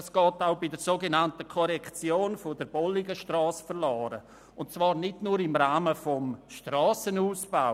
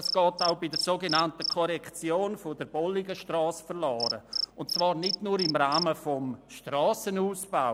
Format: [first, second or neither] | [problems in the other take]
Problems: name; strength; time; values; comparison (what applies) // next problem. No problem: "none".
first | background sound (Cricket); 8 dB below the speech